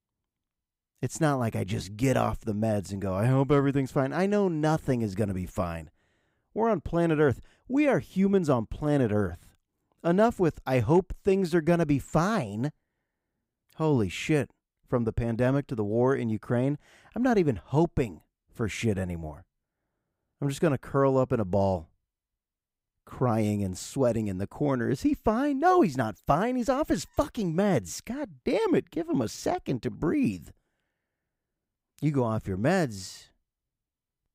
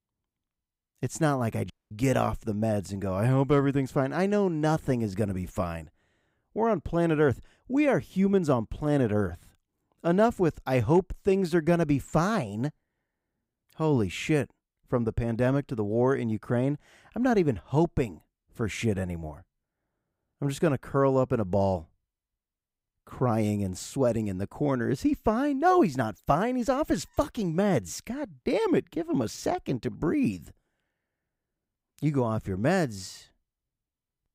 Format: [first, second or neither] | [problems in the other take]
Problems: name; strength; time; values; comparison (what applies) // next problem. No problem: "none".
first | audio cutting out; at 1.5 s